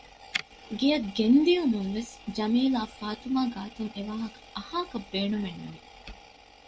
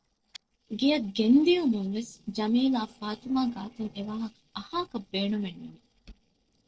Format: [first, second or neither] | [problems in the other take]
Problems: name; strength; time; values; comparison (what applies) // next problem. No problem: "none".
first | noise reduction (neural separator model SepFormer DNS4)